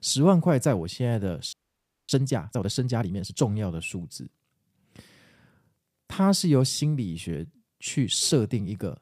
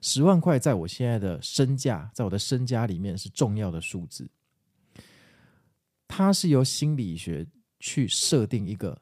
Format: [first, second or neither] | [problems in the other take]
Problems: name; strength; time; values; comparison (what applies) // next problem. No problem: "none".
second | audio freezing; at 1.5 s for 0.5 s